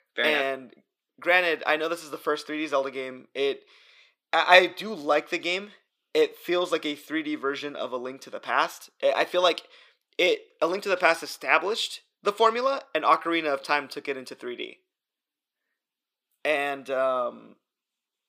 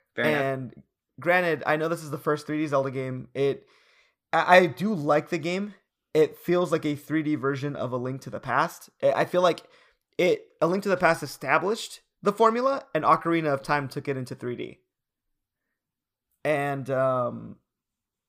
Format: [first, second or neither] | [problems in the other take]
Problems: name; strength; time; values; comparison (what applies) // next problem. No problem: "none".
second | thin; somewhat; fading below 300 Hz